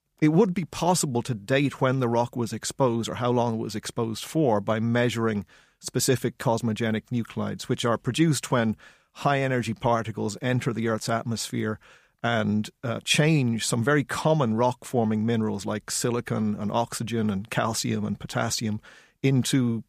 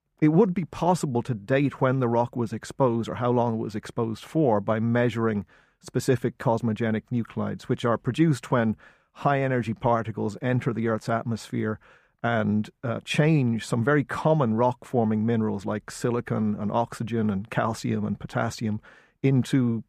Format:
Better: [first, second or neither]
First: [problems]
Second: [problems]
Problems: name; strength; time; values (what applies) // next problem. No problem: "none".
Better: first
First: none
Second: muffled; slightly; fading above 2.5 kHz